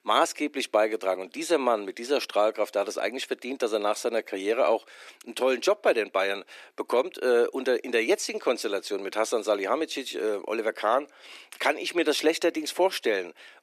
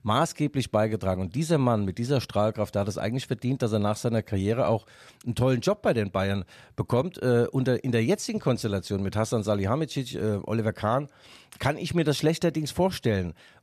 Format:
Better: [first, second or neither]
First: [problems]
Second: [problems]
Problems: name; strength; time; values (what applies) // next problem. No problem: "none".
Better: second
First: thin; very; fading below 300 Hz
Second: none